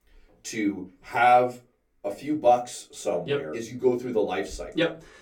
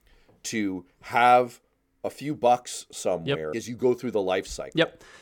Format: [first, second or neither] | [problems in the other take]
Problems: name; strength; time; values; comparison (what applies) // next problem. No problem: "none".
second | off-mic speech; far // room echo; very slight; dies away in 0.2 s